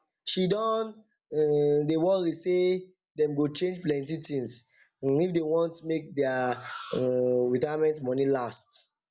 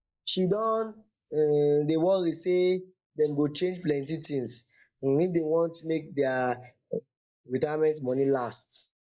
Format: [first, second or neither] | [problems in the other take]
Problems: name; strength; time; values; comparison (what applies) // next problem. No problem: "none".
first | noise reduction (neural mask model Resemble Enhance denoiser)